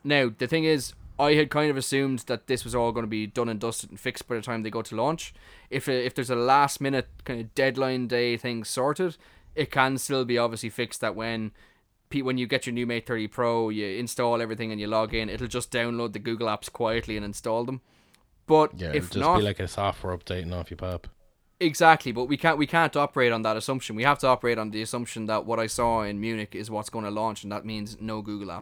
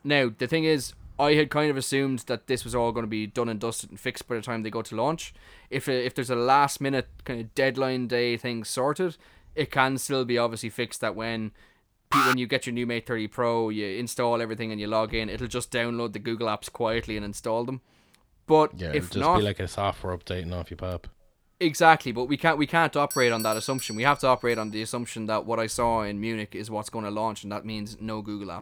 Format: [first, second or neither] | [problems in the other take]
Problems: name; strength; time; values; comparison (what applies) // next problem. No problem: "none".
first | alarm; loud; at 12 s; peak 4 dB above the speech // doorbell; noticeable; from 23 to 25 s; peak 6 dB below the speech